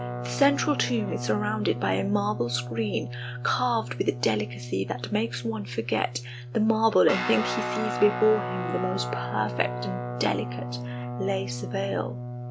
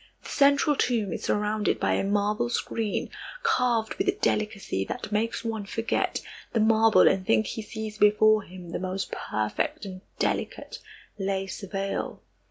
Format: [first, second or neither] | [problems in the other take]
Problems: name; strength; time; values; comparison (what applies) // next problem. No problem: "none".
second | background sound (Guitar); 6 dB below the speech